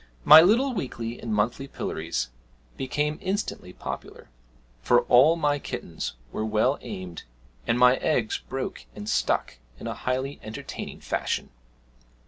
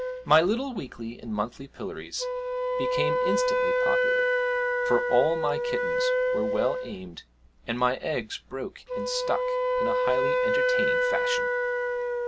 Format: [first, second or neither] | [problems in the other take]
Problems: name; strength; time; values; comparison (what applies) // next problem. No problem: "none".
first | background sound (Wind instrument, woodwind instrument); 3 dB above the speech